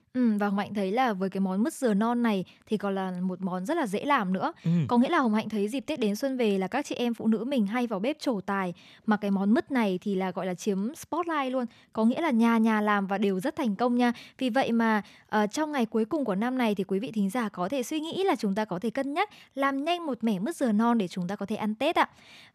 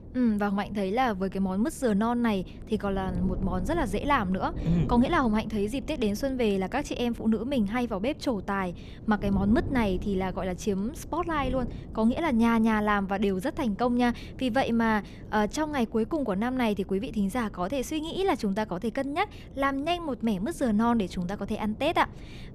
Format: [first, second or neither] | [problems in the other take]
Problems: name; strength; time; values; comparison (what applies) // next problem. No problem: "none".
first | wind noise on the microphone; occasional gusts; 20 dB below the speech